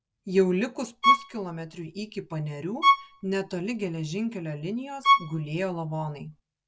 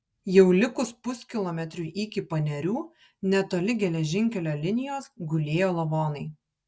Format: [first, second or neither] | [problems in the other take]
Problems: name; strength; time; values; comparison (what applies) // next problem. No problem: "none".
second | background sound (Bowed string instrument); 3 dB above the speech